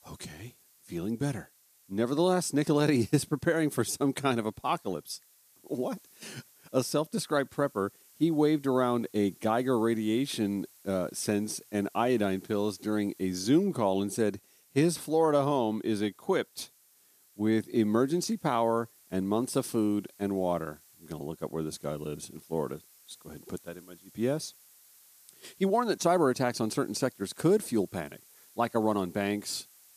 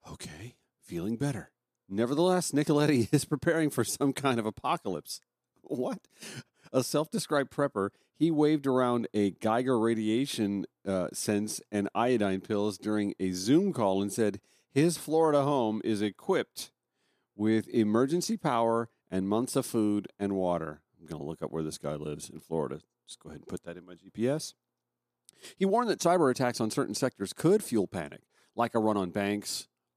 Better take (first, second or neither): second